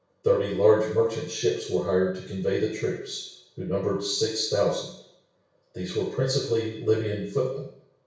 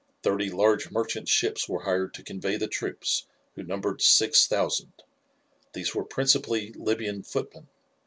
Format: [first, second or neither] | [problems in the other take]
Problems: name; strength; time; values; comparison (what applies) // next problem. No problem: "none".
second | room echo; dies away in 0.6 s